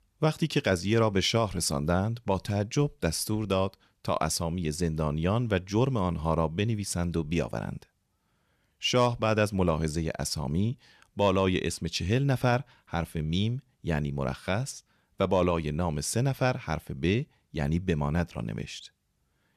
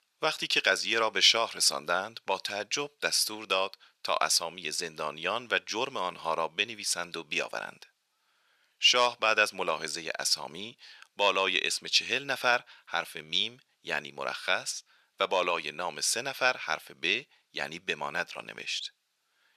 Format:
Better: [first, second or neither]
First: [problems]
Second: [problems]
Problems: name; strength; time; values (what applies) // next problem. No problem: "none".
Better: first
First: none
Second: thin; very; fading below 650 Hz